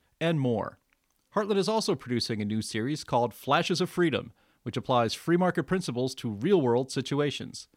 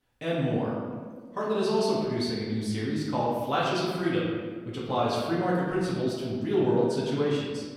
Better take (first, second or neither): first